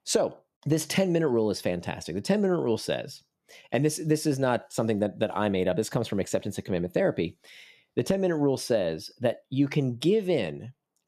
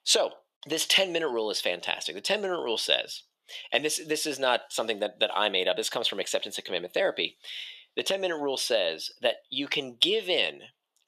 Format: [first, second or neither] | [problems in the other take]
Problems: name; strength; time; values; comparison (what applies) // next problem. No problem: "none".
first | thin; somewhat; fading below 600 Hz